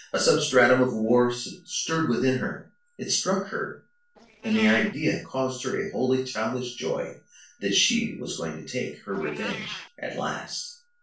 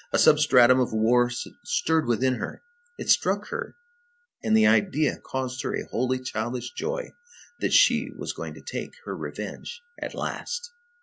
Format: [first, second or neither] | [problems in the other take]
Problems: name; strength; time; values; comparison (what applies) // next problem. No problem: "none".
second | noise reduction (neural separator model SepFormer DNS4)